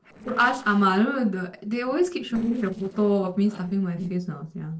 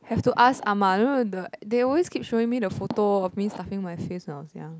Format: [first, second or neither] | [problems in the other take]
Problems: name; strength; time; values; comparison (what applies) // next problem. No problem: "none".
second | noise reduction (neural separator model SepFormer DNS4)